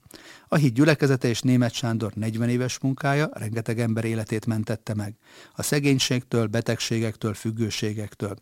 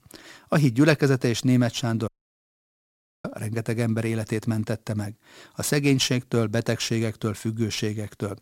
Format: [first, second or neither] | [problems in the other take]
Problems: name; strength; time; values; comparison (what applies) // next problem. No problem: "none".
first | audio cutting out; at 2 s for 1 s